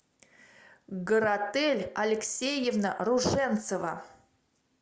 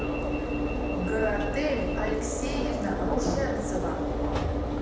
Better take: first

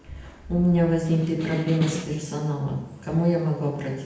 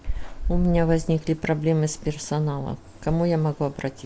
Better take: second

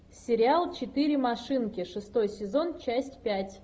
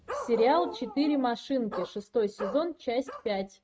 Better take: first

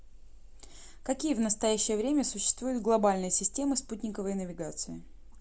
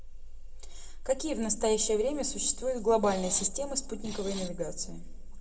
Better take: first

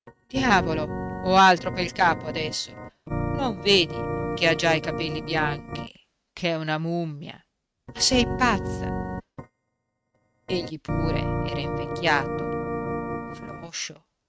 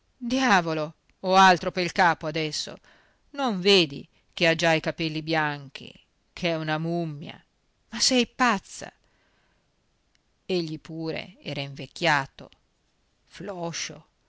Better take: second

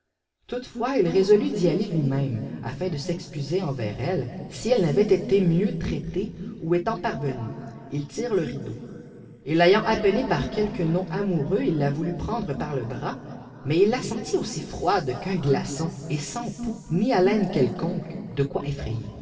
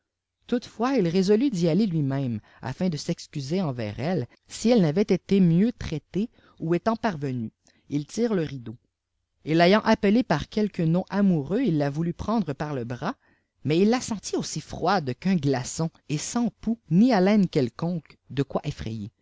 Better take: second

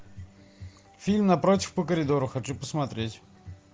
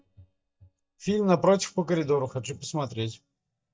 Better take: first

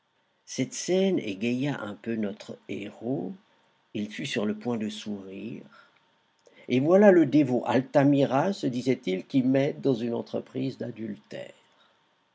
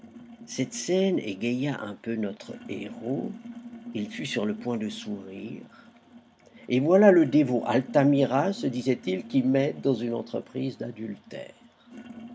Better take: first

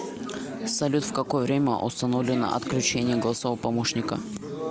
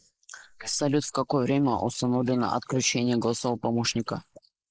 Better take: first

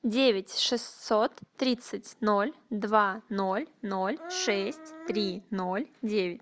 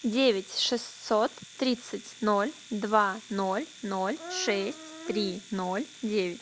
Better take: first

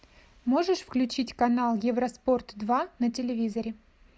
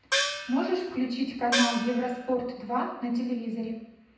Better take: first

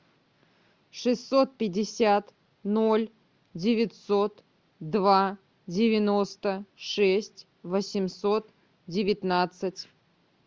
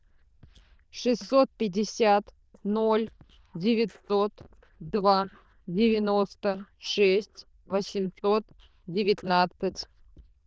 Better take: first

